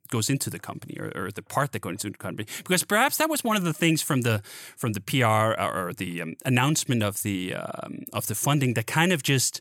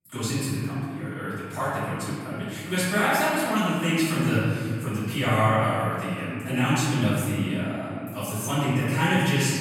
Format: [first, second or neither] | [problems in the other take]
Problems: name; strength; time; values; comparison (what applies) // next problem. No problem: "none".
first | off-mic speech; far // room echo; strong; dies away in 2 s